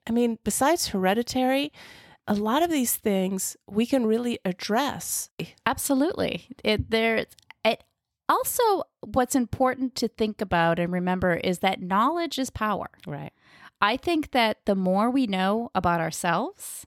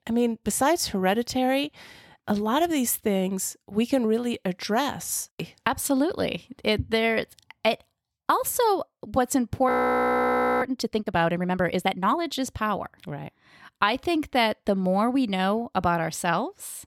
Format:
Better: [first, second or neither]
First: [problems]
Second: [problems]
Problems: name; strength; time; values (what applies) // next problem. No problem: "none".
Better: first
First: none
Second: audio freezing; at 9.5 s for 1 s